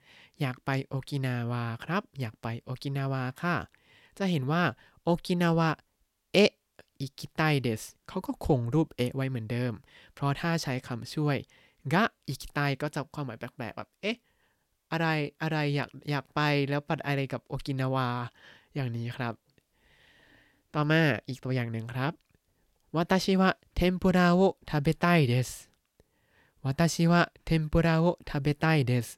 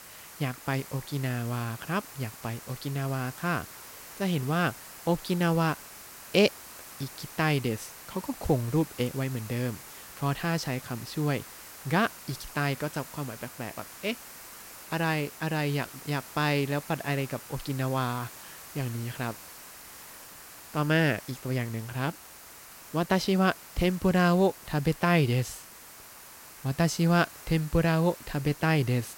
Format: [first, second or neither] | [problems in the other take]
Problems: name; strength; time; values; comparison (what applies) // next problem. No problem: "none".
first | hiss; noticeable; throughout; 15 dB below the speech